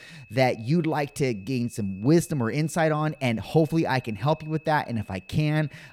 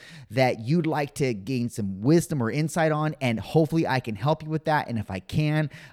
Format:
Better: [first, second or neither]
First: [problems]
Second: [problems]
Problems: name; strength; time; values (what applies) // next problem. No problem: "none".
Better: second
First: high-pitched whine; faint; throughout; 2.5 kHz, 25 dB below the speech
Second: none